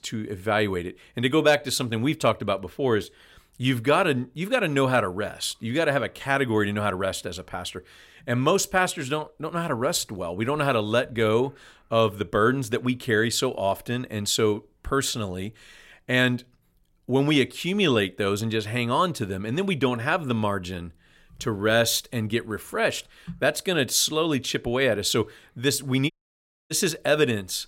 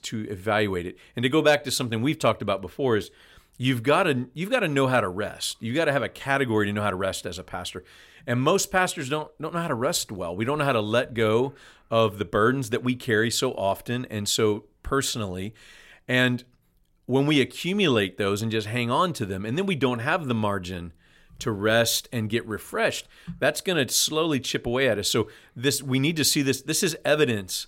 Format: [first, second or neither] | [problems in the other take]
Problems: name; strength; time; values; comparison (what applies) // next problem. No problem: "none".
second | audio cutting out; at 26 s for 0.5 s